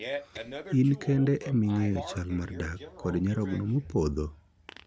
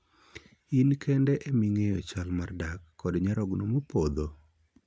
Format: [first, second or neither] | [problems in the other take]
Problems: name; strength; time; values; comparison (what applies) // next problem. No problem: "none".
second | background sound (Fart); 13 dB below the speech